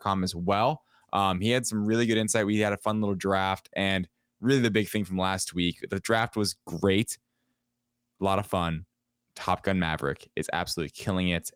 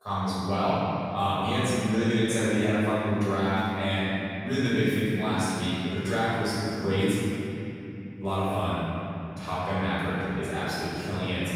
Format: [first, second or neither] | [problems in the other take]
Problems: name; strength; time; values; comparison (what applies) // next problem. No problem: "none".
first | off-mic speech; far // room echo; strong; dies away in 3 s